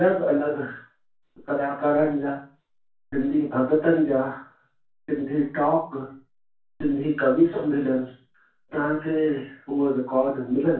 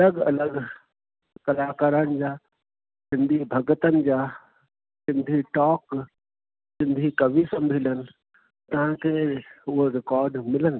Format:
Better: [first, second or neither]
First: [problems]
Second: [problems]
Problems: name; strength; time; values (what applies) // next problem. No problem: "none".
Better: second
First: room echo; dies away in 0.3 s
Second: none